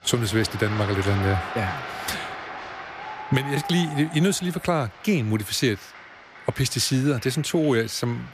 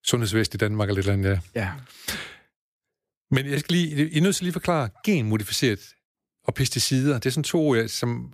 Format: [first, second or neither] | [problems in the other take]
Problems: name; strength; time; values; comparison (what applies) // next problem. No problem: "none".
second | crowd noise; noticeable; throughout; 10 dB below the speech